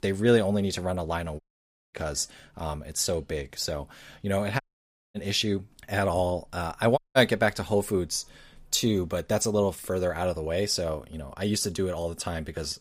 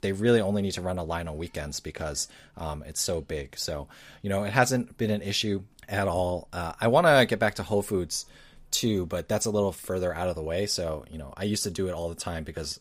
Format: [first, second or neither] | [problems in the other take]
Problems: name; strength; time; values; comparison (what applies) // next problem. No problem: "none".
second | audio cutting out; at 1.5 s for 0.5 s, at 4.5 s for 0.5 s and at 7 s